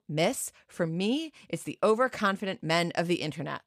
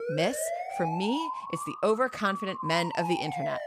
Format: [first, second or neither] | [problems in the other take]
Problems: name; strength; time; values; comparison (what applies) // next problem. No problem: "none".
first | siren; noticeable; peak 3 dB below the speech